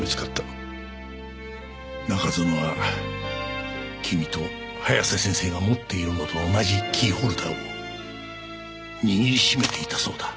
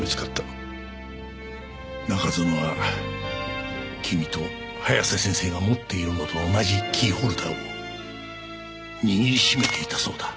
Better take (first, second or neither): first